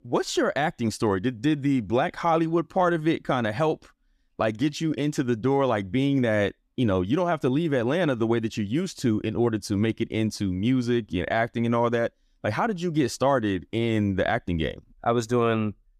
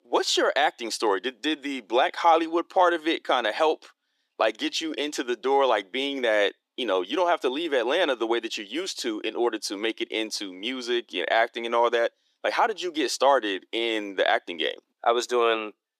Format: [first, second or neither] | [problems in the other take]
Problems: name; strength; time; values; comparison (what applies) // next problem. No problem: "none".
first | thin; very; fading below 350 Hz